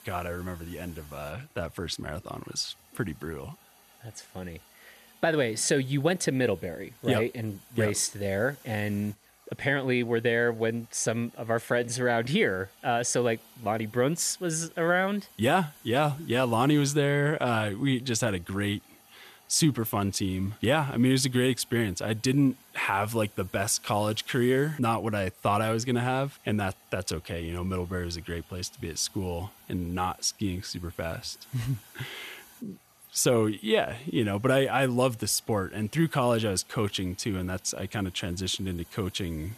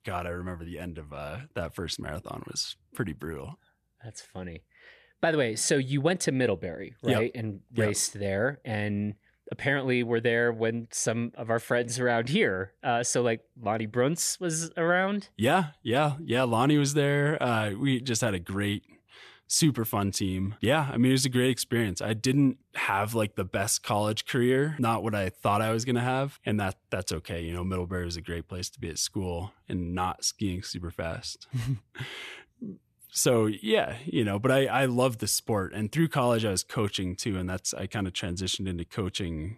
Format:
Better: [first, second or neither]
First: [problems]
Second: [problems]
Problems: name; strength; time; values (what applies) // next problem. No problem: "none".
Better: second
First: hiss; faint; throughout; 25 dB below the speech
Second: none